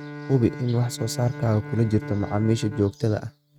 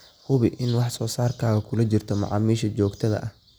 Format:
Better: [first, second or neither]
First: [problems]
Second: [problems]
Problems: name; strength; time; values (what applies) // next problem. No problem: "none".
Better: second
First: noise reduction (neural mask model RNNoise)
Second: none